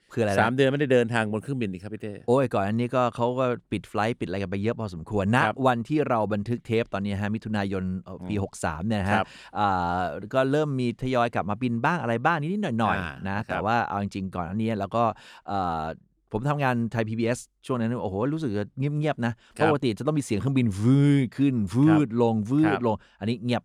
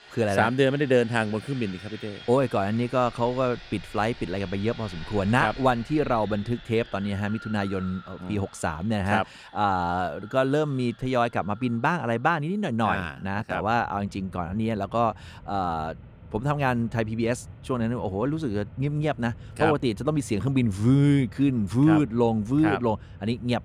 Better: first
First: none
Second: machinery noise; noticeable; throughout; 20 dB below the speech

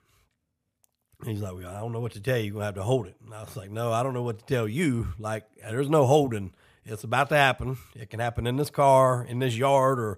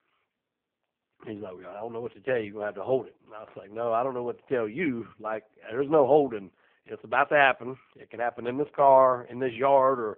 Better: first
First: none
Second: phone-call audio; poor line

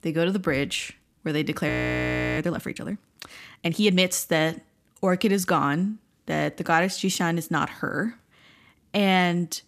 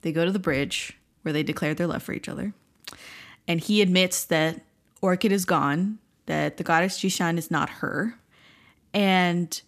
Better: second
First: audio freezing; at 1.5 s for 0.5 s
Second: none

